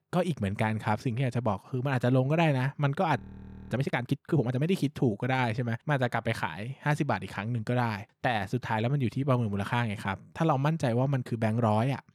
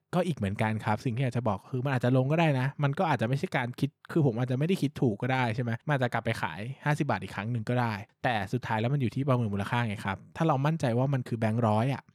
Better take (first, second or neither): second